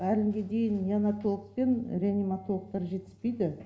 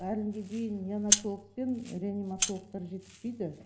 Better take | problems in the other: first | background sound (Rattle (instrument)); as loud as the speech

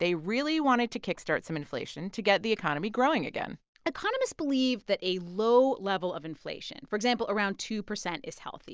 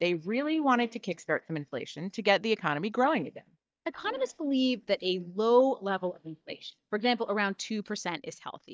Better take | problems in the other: first | noise reduction (neural mask model DeepFilterNet 3)

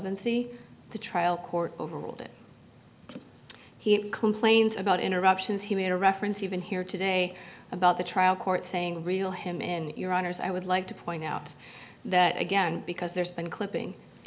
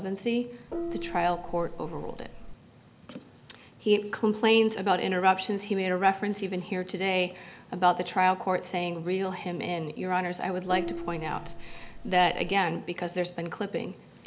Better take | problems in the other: first | background sound (Gong); 8 dB below the speech

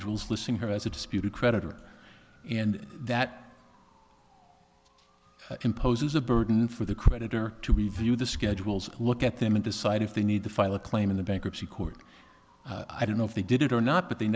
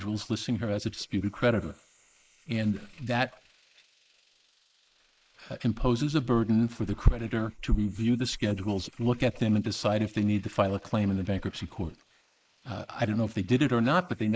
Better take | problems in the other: first | noise reduction (neural mask model Resemble Enhance denoiser)

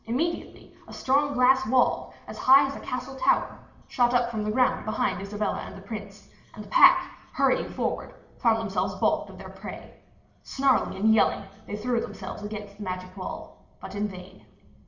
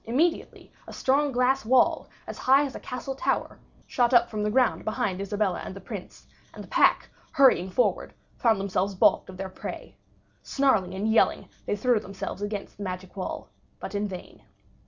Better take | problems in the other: second | room echo; dies away in 1.5 s

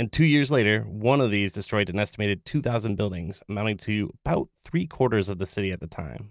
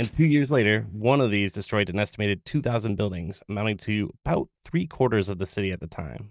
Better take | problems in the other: first | noise reduction (neural mask model DeepFilterNet 3)

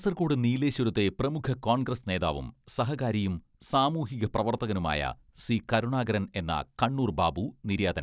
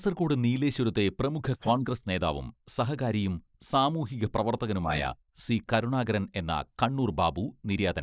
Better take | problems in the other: first | noise reduction (neural mask model Resemble Enhance denoiser)

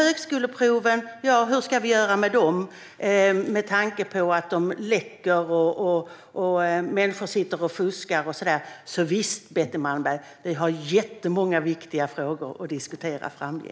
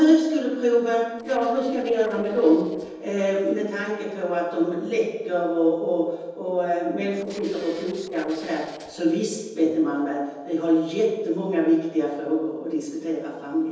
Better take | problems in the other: first | noise reduction (neural separator model SepFormer DNS4)

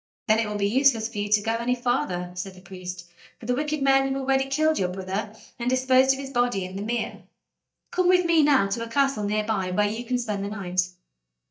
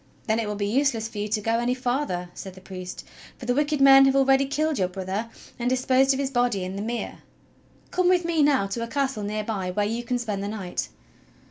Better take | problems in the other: second | noise reduction (neural mask model DeepFilterNet 3)

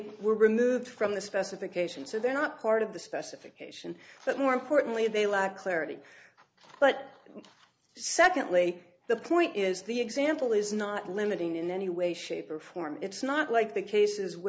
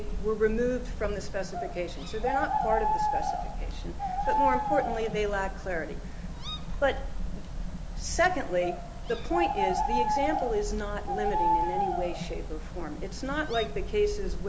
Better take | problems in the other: first | background sound (Bird); 1 dB above the speech // room echo; dies away in 2.2 s

